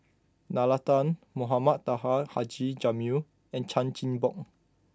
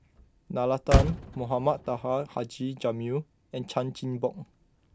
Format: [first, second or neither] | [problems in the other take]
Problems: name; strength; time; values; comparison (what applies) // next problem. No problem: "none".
first | background sound (Motor vehicle (road)); 2 dB below the speech